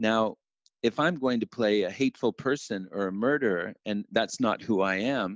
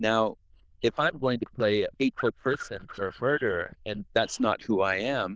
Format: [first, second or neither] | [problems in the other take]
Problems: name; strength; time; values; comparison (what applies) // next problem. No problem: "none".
first | noise reduction (neural diffusion model UNIVERSE++)